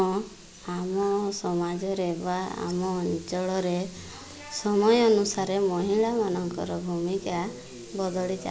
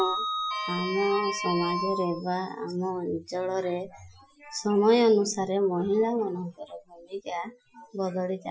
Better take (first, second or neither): first